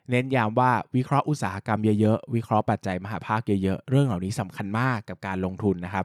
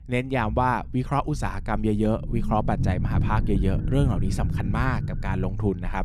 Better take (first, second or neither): first